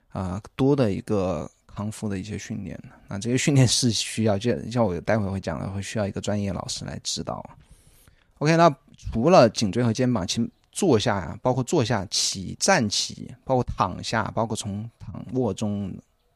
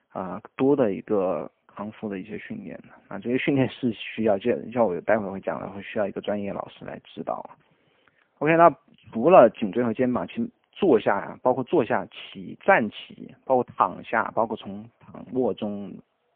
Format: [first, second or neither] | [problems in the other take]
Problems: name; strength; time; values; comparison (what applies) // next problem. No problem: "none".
first | phone-call audio; poor line